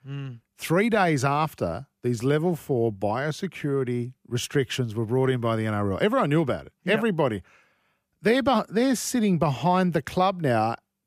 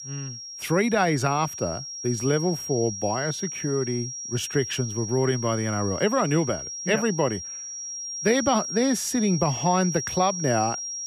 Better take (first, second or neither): first